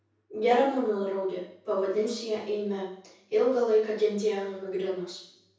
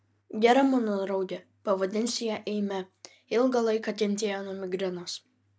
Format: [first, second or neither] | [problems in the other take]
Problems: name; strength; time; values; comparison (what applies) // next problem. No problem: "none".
second | room echo; dies away in 0.6 s